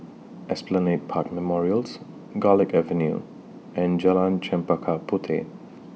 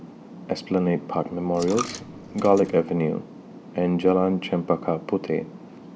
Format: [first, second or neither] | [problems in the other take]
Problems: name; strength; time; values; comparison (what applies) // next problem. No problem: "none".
first | background sound (Coin (dropping)); 16 dB below the speech